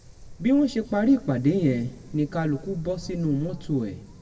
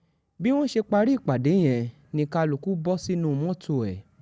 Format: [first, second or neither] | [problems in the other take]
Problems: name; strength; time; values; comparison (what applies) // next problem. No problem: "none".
second | background sound (Wind); 18 dB below the speech // room echo; dies away in 1.2 s